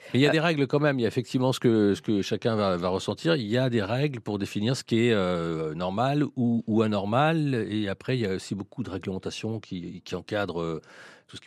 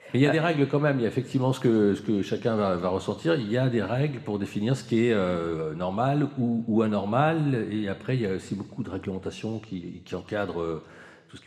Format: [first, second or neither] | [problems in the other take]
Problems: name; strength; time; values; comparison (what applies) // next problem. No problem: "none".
first | room echo; very slight; dies away in 1.2 s